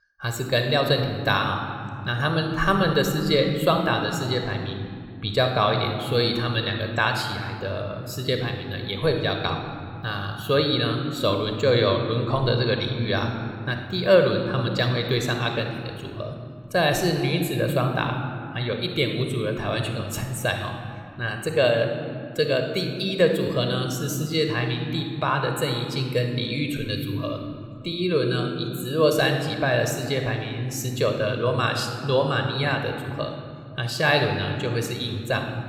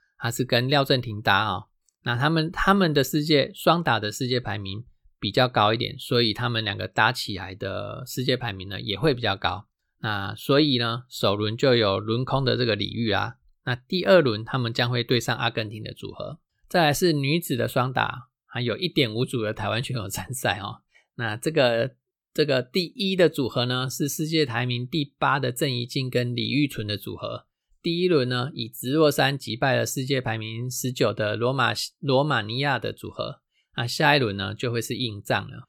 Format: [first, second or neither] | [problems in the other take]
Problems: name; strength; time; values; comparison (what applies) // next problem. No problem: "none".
second | room echo; slight; dies away in 2.2 s